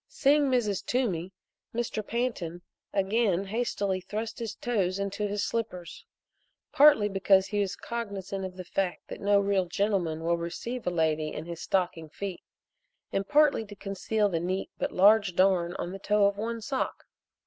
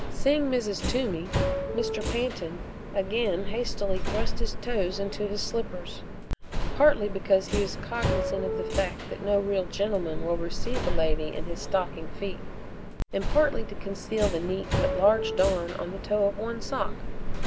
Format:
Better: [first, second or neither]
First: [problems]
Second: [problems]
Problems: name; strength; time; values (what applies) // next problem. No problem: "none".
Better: first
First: none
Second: background sound (Subway, metro, underground); as loud as the speech